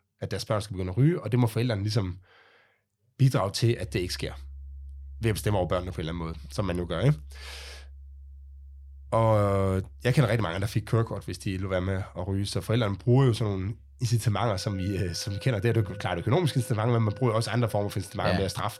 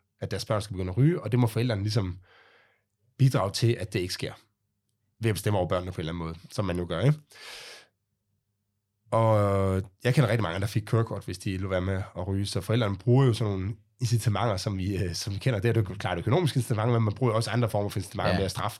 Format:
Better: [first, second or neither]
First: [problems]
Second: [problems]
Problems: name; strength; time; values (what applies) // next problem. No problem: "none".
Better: second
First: background music; faint; from 4 s on; 20 dB below the speech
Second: none